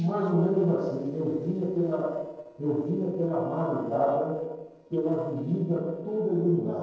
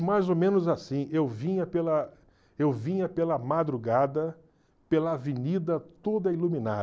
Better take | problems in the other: second | noise reduction (neural separator model SepFormer DNS4)

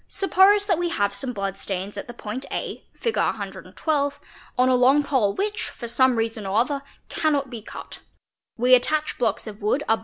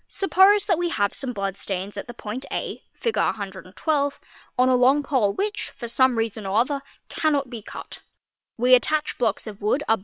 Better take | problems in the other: first | noise reduction (neural separator model SepFormer WHAM!)

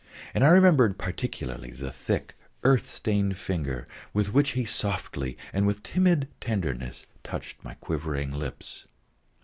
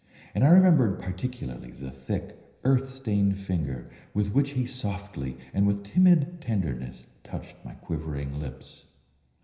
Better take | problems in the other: first | room echo; dies away in 0.9 s

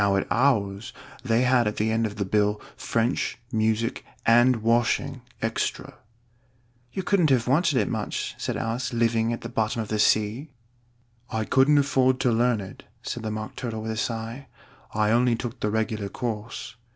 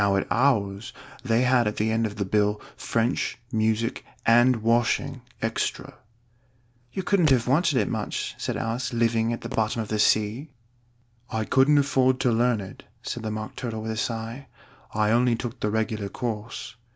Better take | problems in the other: first | background sound (Fireworks); 14 dB below the speech

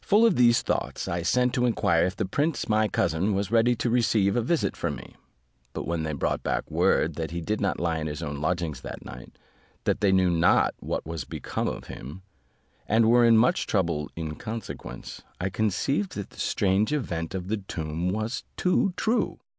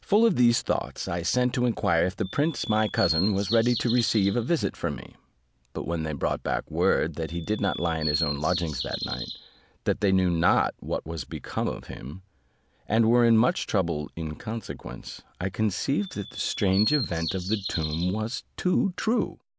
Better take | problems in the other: first | background sound (Bird vocalization, bird call, bird song); 9 dB below the speech

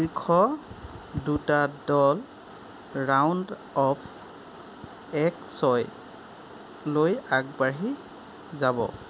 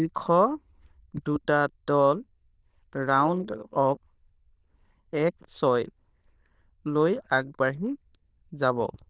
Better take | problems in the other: first | noise reduction (neural diffusion model UNIVERSE++)

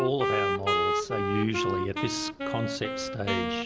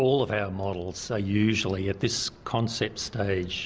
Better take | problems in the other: second | background sound (Wind instrument, woodwind instrument); 2 dB above the speech

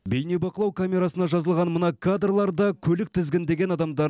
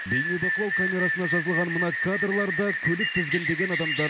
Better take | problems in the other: first | background sound (Rain); 1 dB above the speech

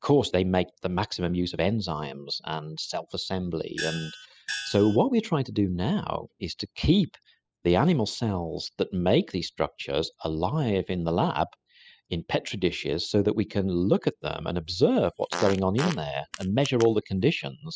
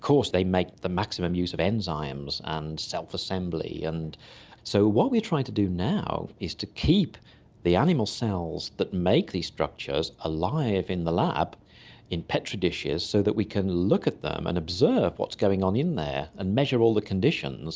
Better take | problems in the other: second | noise reduction (classical method spectral subtraction)

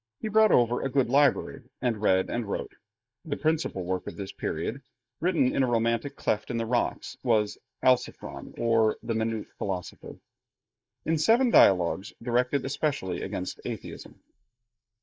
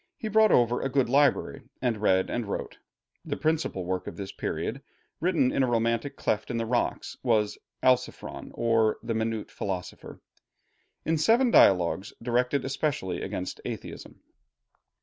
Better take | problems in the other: second | noise reduction (neural mask model Resemble Enhance denoiser)

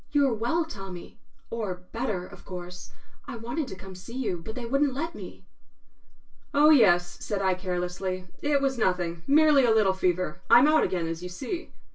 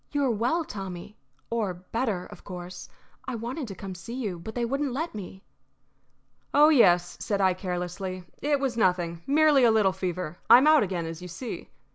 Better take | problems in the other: second | room echo; dies away in 0.2 s

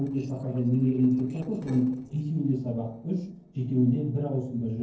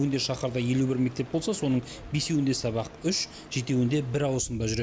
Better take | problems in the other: second | noise reduction (neural separator model SepFormer DNS4)

